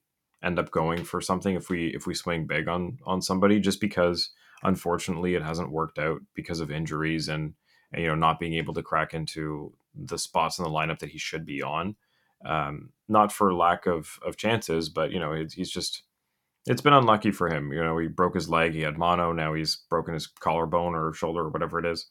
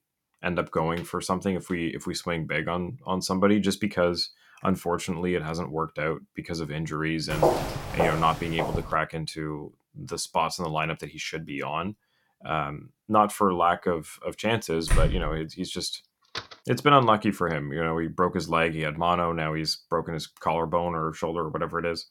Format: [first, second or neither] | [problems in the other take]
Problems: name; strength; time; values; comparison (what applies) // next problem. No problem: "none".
first | footsteps; loud; from 7.5 to 9 s; peak 3 dB above the speech // door banging; loud; at 15 s; peak level with the speech // door banging; faint; at 16 s; peak 10 dB below the speech